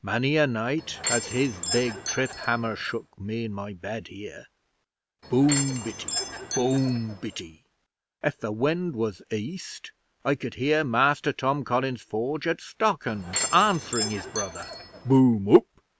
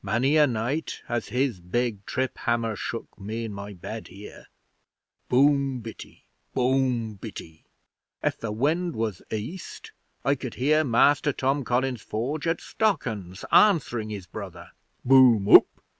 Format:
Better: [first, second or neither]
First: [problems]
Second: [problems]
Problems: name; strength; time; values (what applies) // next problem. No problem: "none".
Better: second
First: background sound (Door / Chime); 7 dB below the speech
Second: none